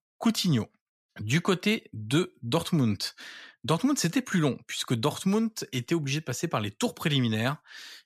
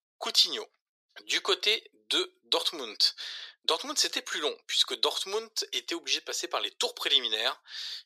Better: first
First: none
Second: thin; very; fading below 400 Hz

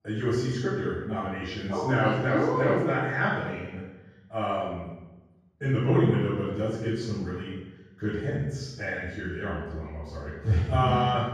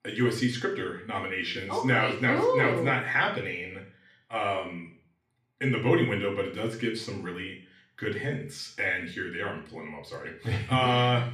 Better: second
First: room echo; strong; dies away in 1.3 s // off-mic speech; far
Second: room echo; slight; dies away in 0.5 s // off-mic speech; somewhat distant

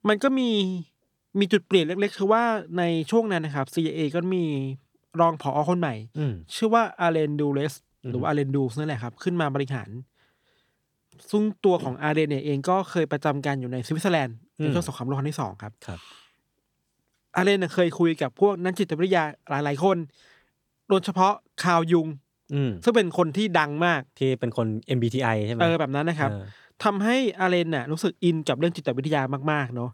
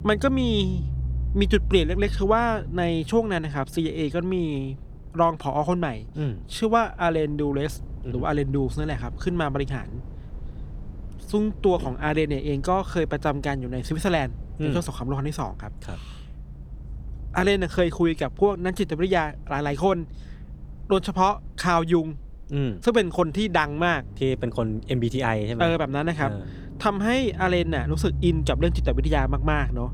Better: first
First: none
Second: low rumble; faint; throughout; 25 dB below the speech

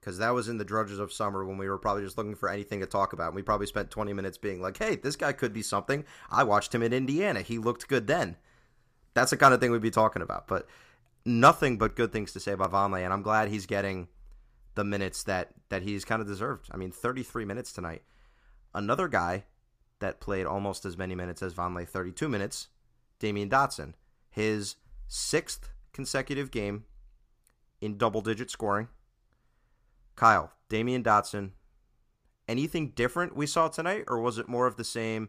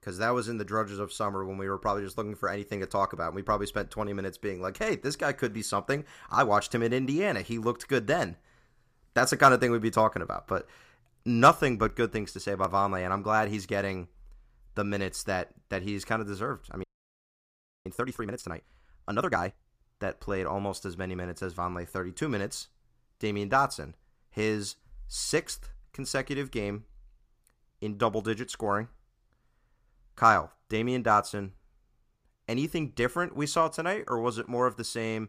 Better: first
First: none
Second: audio freezing; at 17 s for 1 s

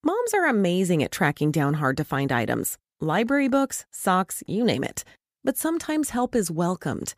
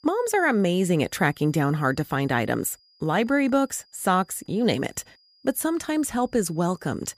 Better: first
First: none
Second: high-pitched whine; faint; throughout; 5 kHz, 35 dB below the speech

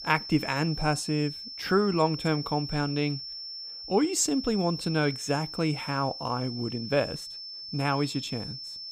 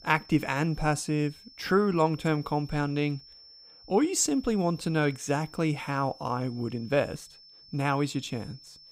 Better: second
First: high-pitched whine; loud; throughout; 5.5 kHz, 8 dB below the speech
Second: high-pitched whine; faint; throughout; 5.5 kHz, 20 dB below the speech

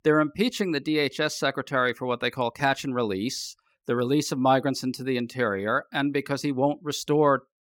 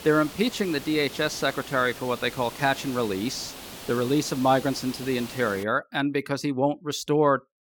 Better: first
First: none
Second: hiss; noticeable; until 5.5 s; 15 dB below the speech

